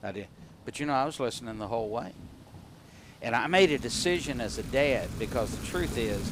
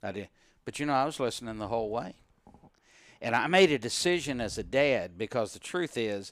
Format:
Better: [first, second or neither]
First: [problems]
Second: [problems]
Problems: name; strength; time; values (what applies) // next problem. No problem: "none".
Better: second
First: rain or running water; noticeable; throughout; 10 dB below the speech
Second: none